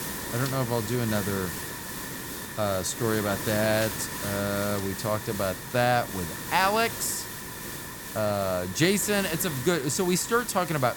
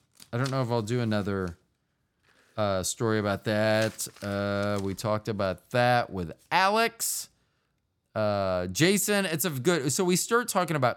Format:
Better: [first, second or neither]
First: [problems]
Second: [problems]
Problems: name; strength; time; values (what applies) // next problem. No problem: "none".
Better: second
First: hiss; loud; throughout; 7 dB below the speech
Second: none